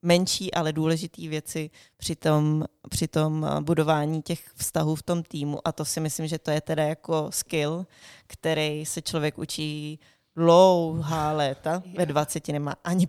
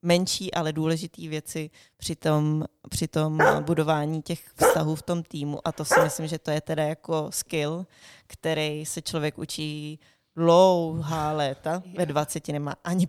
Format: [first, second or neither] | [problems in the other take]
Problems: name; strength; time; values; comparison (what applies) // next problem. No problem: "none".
first | dog barking; loud; from 3.5 to 6 s; peak 5 dB above the speech